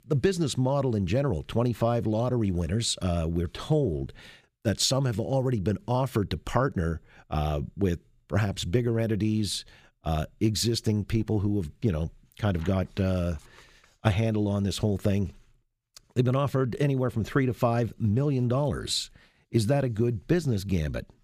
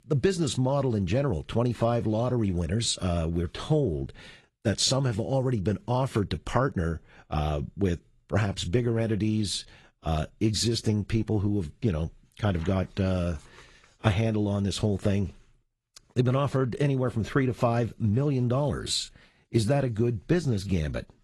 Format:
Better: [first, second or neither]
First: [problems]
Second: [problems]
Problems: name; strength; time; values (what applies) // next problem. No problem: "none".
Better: first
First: none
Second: garbled, watery; slightly; nothing above 11 kHz